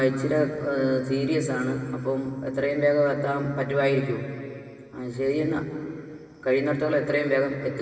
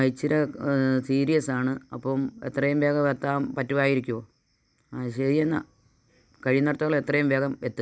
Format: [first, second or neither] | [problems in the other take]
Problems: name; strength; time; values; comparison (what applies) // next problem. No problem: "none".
second | room echo; dies away in 2.6 s